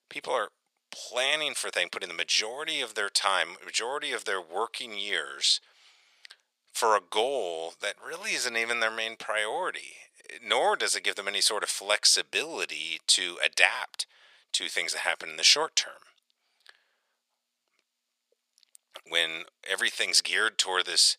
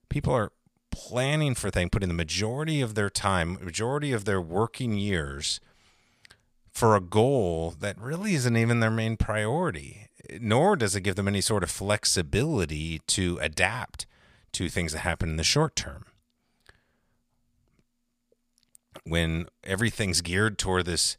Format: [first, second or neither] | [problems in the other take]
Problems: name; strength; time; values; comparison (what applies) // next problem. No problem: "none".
second | thin; very; fading below 500 Hz